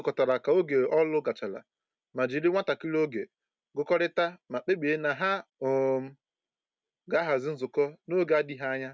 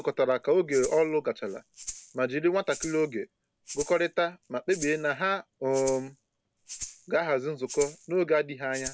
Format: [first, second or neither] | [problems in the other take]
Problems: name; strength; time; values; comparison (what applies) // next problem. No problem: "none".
first | background sound (Rattle (instrument)); 15 dB below the speech